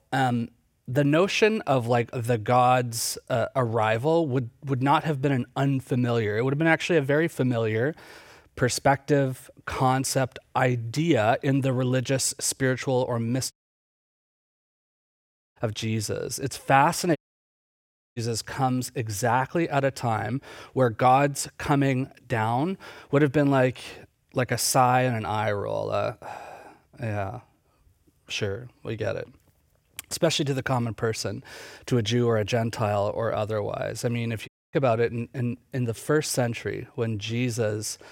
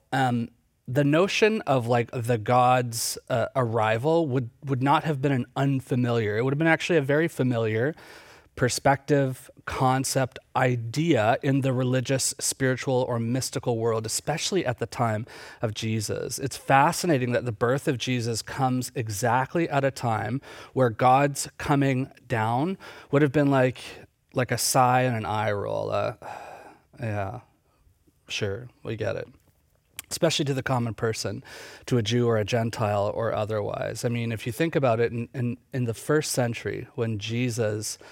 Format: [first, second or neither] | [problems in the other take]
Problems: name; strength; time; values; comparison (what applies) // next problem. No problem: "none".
second | audio cutting out; at 14 s for 2 s, at 17 s for 1 s and at 34 s